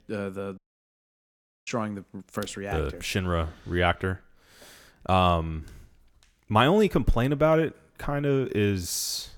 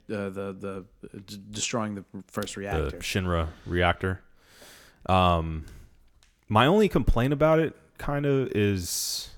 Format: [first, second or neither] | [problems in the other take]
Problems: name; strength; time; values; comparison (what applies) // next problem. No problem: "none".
second | audio cutting out; at 0.5 s for 1 s